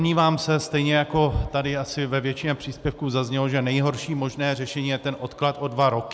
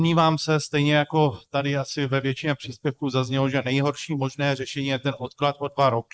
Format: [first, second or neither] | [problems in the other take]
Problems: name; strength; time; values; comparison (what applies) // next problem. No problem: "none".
first | noise reduction (neural mask model Resemble Enhance denoiser)